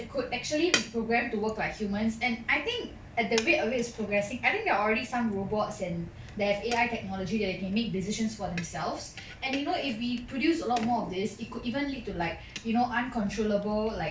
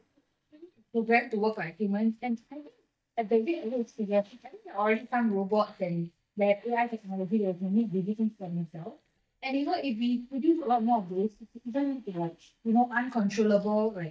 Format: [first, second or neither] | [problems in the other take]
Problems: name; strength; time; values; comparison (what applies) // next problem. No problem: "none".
first | noise reduction (neural mask model DeepFilterNet 3)